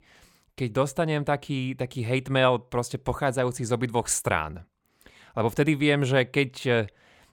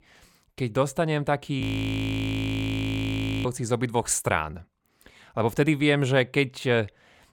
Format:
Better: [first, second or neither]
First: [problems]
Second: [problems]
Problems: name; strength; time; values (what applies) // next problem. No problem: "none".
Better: first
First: none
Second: audio freezing; at 1.5 s for 2 s